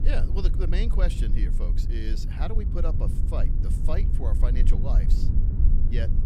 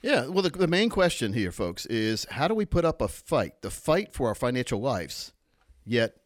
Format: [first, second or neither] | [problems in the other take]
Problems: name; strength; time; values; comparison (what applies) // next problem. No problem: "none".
second | low rumble; loud; throughout; 5 dB below the speech